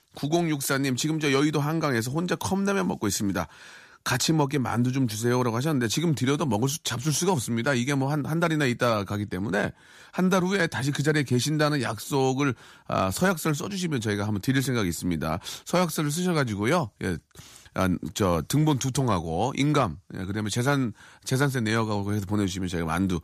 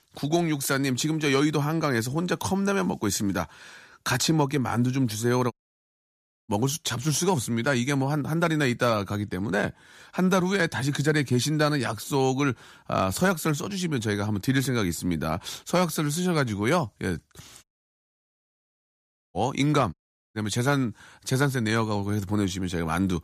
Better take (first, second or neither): first